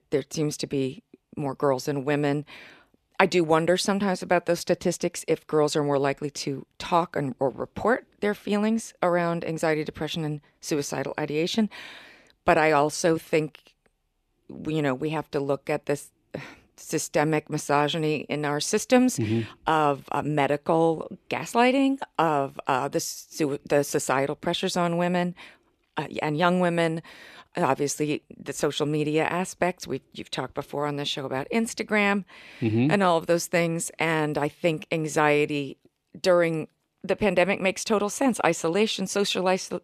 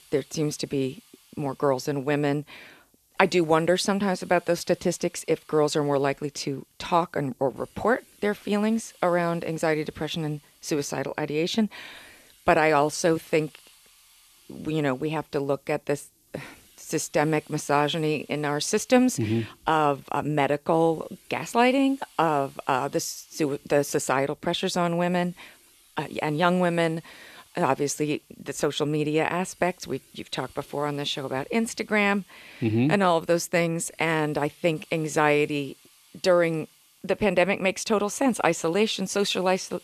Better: first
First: none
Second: hiss; faint; throughout; 30 dB below the speech

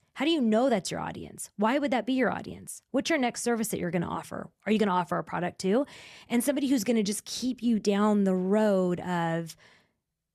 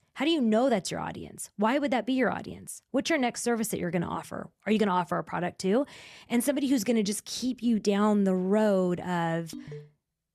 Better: first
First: none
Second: phone ringing; faint; at 9.5 s; peak 15 dB below the speech

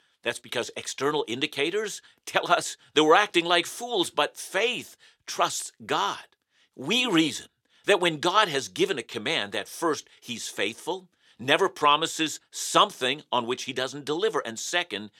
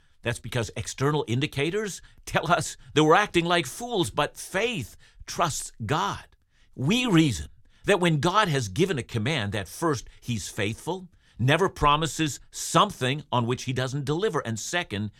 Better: second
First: thin; somewhat; fading below 350 Hz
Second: none

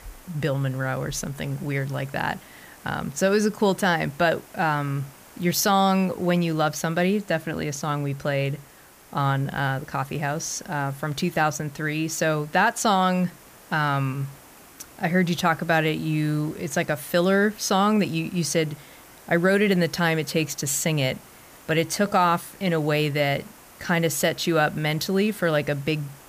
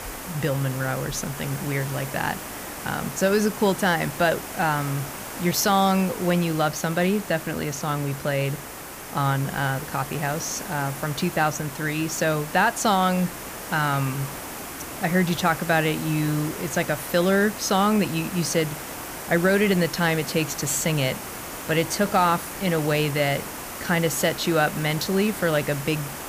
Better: first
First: hiss; faint; throughout; 25 dB below the speech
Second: hiss; loud; throughout; 10 dB below the speech

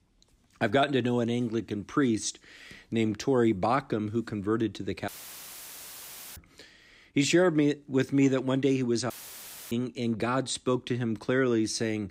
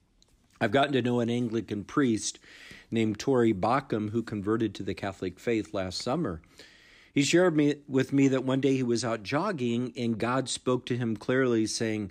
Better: second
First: audio cutting out; filled with static; at 5 s for 1.5 s and at 9 s for 0.5 s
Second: none

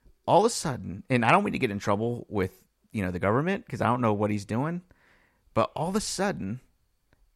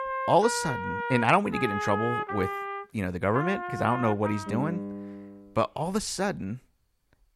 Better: first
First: none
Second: background music; loud; until 5 s; 5 dB below the speech

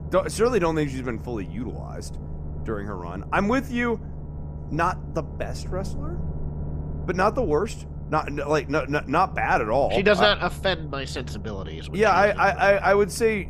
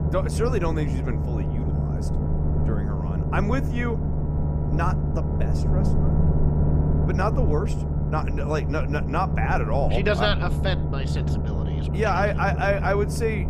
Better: first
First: low rumble; faint; throughout; 25 dB below the speech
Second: low rumble; loud; throughout; 8 dB below the speech

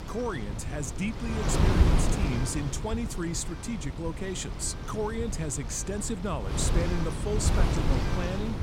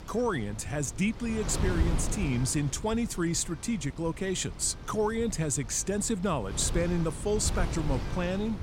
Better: second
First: wind noise on the microphone; heavy; 2 dB below the speech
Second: wind noise on the microphone; occasional gusts; 10 dB below the speech

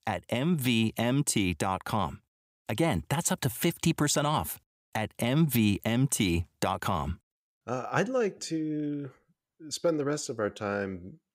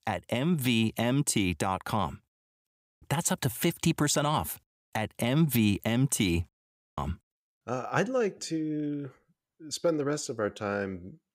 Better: first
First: none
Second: audio cutting out; at 2.5 s and at 6.5 s

